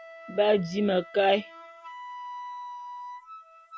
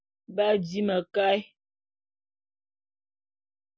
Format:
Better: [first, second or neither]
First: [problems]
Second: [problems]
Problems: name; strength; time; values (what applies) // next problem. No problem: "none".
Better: second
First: background sound (Wind instrument, woodwind instrument); 13 dB below the speech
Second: none